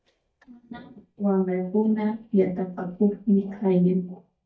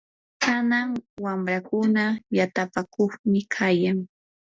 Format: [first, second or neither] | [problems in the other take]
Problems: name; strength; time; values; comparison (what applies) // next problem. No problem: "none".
second | noise reduction (neural mask model DeepFilterNet 3)